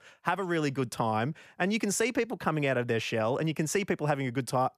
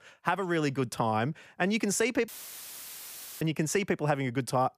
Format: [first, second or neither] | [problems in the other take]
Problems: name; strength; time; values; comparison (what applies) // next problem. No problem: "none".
first | audio cutting out; filled with static; at 2.5 s for 1 s